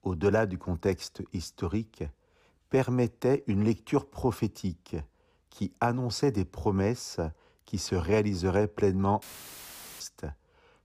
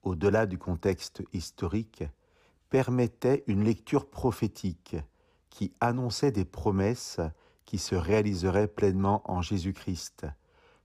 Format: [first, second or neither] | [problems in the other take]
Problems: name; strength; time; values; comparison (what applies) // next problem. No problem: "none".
second | audio cutting out; filled with static; at 9 s for 1 s